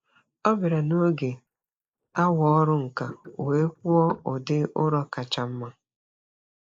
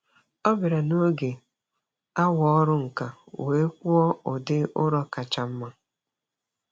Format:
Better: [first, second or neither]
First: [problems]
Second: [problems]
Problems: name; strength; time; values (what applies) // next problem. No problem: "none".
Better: second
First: noise reduction (neural mask model Resemble Enhance denoiser)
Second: none